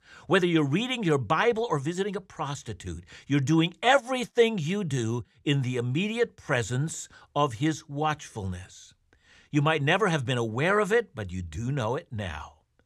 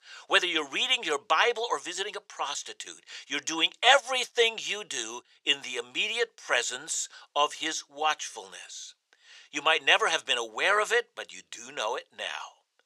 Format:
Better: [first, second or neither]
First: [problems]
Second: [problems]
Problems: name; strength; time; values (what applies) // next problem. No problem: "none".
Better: first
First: none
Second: thin; very; fading below 550 Hz